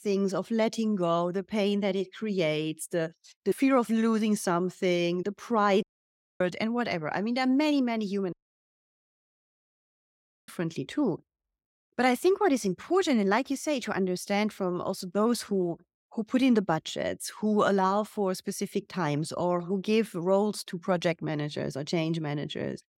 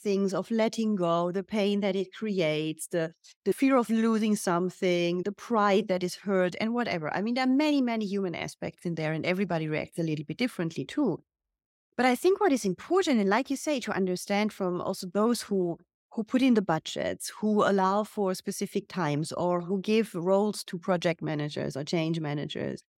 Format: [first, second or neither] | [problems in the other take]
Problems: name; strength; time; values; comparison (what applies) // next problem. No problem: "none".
second | audio cutting out; at 6 s for 0.5 s and at 8.5 s for 2 s